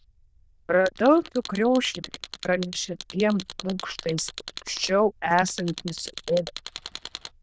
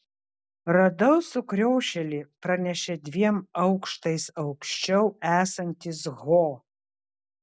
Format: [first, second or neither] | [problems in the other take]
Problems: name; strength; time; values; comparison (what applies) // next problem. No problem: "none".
second | noise reduction (neural diffusion model UNIVERSE++)